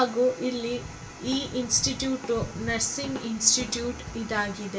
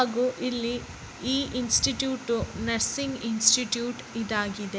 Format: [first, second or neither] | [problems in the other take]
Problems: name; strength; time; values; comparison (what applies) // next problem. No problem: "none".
second | background sound (Drum / Drum kit); 16 dB below the speech // room echo; dies away in 0.2 s